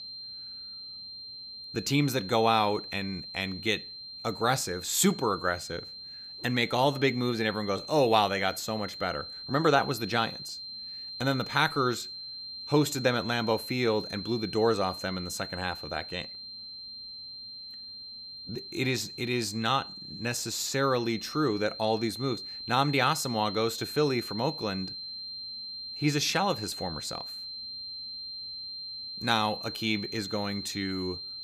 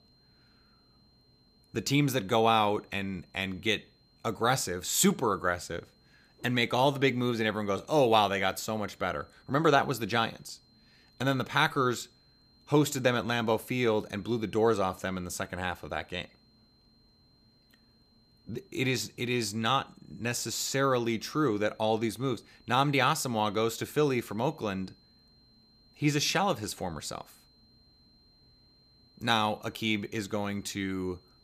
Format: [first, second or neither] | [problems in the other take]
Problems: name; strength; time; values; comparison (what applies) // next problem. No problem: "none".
second | high-pitched whine; loud; throughout; 4 kHz, 9 dB below the speech; faint in the second